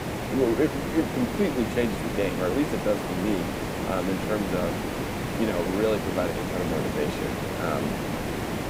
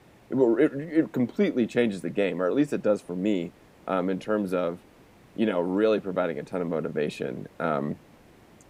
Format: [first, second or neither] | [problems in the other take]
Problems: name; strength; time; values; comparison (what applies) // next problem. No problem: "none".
second | hiss; loud; throughout; 1 dB below the speech; faint in the second